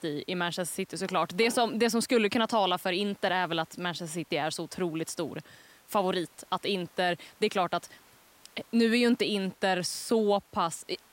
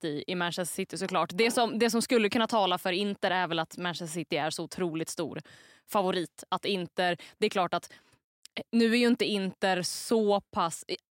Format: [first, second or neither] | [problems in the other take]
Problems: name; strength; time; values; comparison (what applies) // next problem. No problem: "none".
second | hiss; faint; throughout; 30 dB below the speech